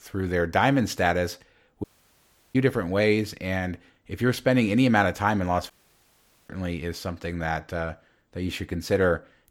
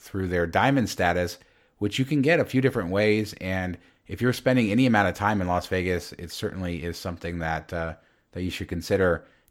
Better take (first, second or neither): second